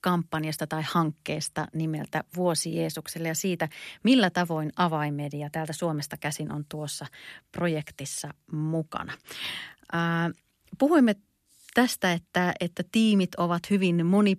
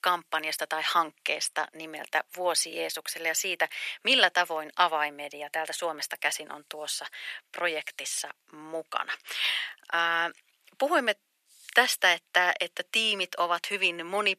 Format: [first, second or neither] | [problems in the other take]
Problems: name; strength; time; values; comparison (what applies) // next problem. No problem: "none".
first | thin; very; fading below 550 Hz